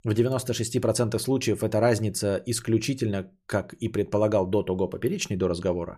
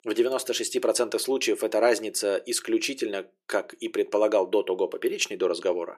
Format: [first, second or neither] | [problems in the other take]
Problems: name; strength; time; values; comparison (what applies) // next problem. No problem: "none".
first | thin; very; fading below 350 Hz